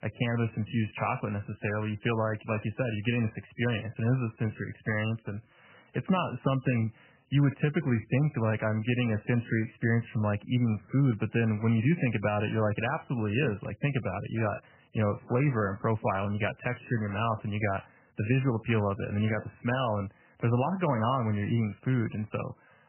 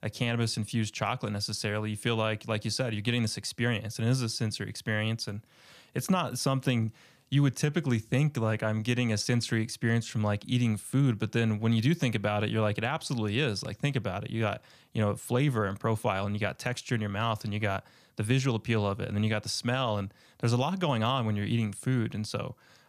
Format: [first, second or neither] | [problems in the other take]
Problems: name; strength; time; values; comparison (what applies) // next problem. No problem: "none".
second | garbled, watery; badly; nothing above 3 kHz